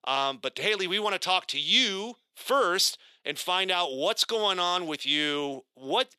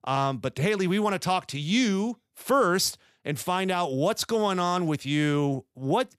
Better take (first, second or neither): second